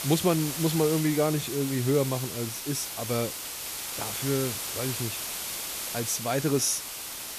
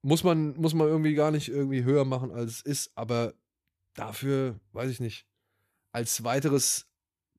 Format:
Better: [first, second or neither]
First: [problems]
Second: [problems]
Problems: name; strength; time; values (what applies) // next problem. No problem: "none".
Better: second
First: hiss; loud; throughout; 4 dB below the speech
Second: none